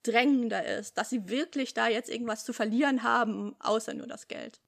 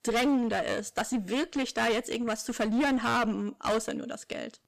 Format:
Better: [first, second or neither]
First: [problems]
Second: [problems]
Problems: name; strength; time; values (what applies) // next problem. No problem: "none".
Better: first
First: none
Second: distortion; heavy; 14% of the sound clipped